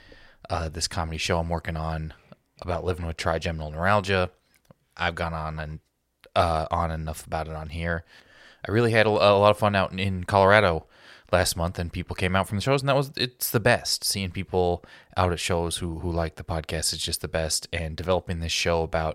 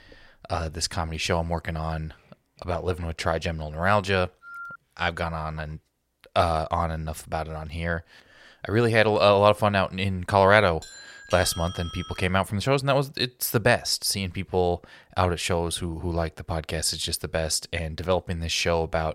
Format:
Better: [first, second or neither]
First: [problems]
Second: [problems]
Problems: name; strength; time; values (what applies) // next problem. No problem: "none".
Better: first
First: none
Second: phone ringing; faint; at 4.5 s; peak 15 dB below the speech // doorbell; faint; from 11 to 12 s; peak 10 dB below the speech